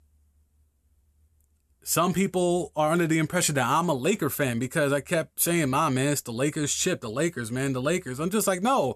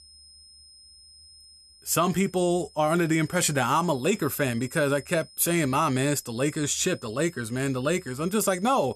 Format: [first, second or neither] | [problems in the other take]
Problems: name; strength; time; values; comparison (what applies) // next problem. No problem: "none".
first | high-pitched whine; faint; throughout; 5 kHz, 25 dB below the speech